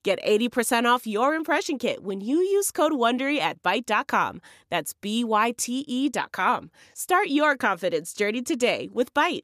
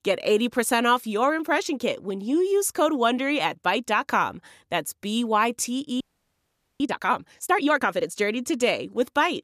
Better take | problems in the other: first | audio freezing; at 6 s for 1 s

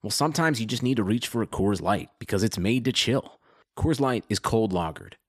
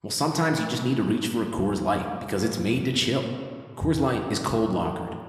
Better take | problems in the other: first | room echo; slight; dies away in 1.4 s

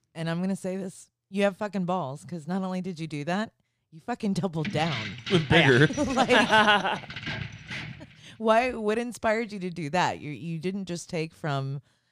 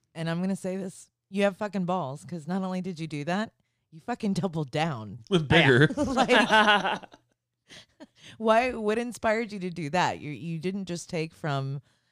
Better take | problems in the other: second | jangling keys; noticeable; from 4.5 to 8 s; peak 6 dB below the speech

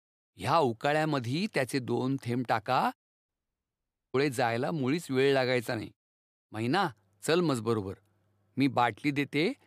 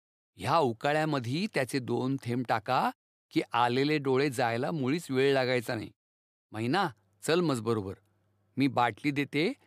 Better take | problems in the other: second | audio cutting out; at 3.5 s for 1 s

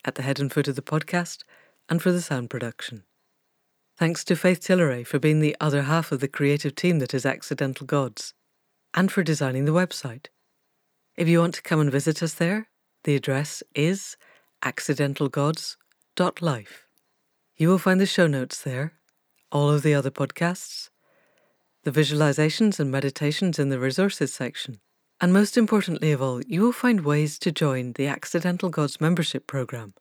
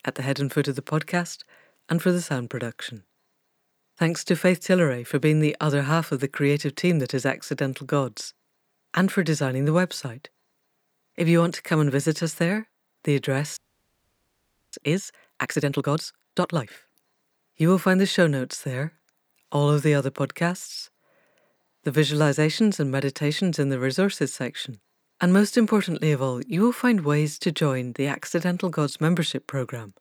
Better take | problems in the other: first | audio freezing; at 14 s for 1 s

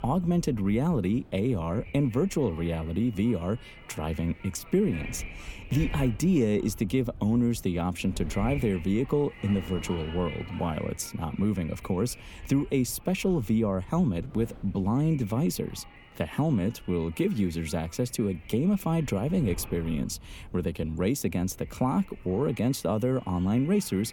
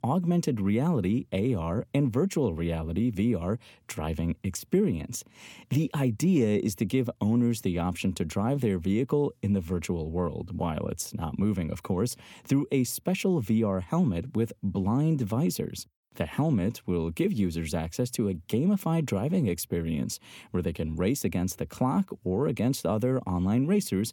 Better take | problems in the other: second | wind noise on the microphone; occasional gusts; 15 dB below the speech

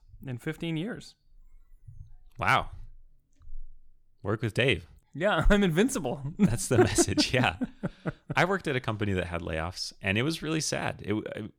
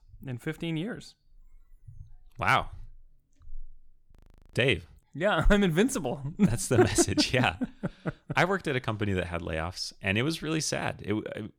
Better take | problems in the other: first | audio freezing; at 4 s

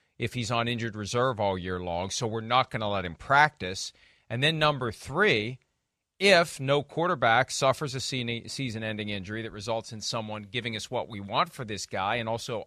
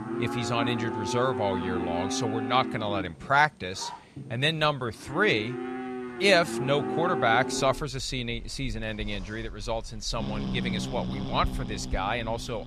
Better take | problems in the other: first | animal sounds; loud; throughout; 6 dB below the speech

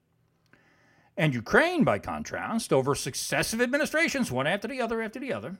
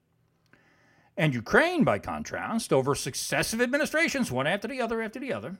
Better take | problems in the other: neither | none

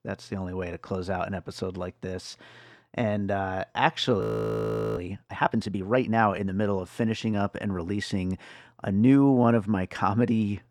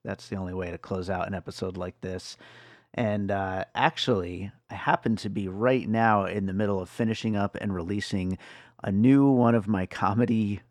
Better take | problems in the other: second | audio freezing; at 4 s for 1 s

